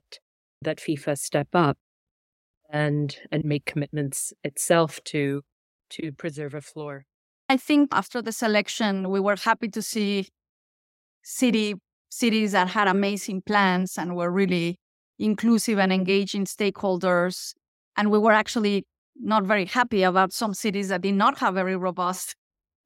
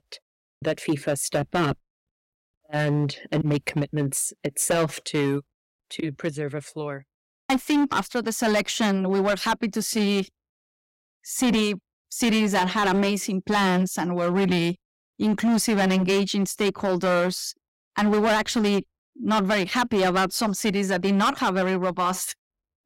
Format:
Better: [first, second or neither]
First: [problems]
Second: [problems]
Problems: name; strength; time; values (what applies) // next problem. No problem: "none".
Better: first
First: none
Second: distortion; heavy; 11% of the sound clipped